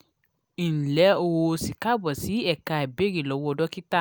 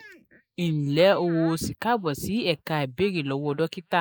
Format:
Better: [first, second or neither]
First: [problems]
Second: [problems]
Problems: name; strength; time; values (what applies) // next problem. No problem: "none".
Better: first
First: none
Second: noise reduction (neural mask model Resemble Enhance denoiser)